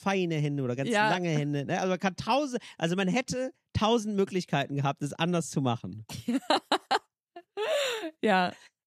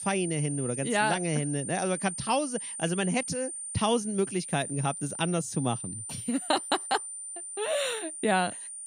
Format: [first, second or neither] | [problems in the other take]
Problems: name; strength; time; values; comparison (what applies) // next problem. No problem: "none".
first | high-pitched whine; loud; throughout; 9 kHz, 6 dB below the speech